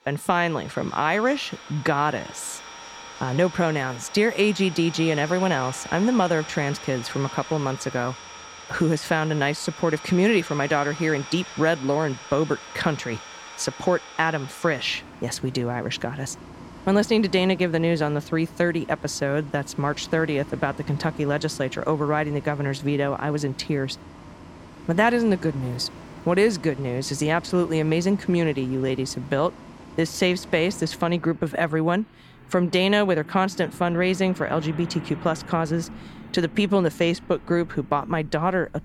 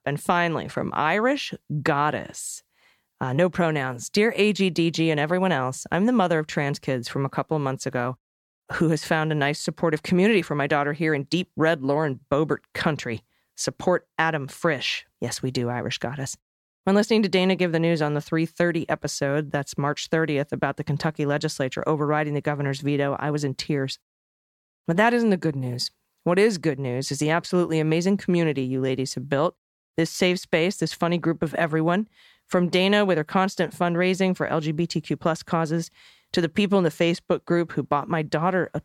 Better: second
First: traffic noise; noticeable; throughout; 15 dB below the speech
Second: none

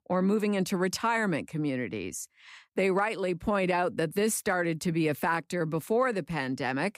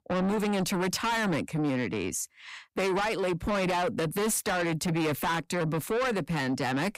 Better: first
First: none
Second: distortion; heavy; 6 dB below the speech

